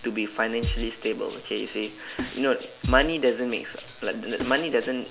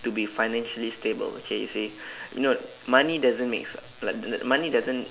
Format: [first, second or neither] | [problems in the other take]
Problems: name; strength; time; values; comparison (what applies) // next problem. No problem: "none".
second | background sound (Drum kit); 8 dB below the speech